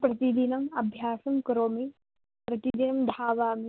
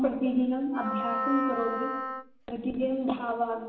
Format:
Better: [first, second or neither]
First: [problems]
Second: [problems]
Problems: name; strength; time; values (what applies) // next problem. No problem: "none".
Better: first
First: none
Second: background sound (Wind instrument, woodwind instrument); 4 dB below the speech // room echo; dies away in 0.9 s